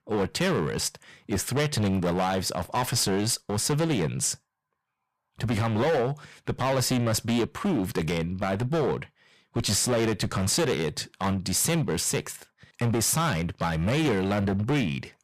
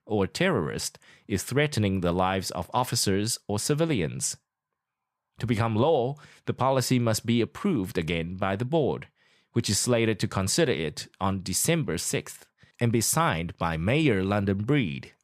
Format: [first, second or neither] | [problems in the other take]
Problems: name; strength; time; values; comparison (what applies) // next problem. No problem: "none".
second | distortion; heavy; 15% of the sound clipped